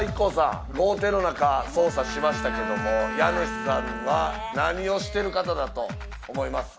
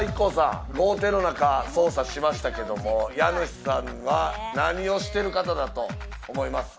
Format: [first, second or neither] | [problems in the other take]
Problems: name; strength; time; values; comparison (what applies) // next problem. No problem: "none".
second | background sound (Bowed string instrument); 10 dB below the speech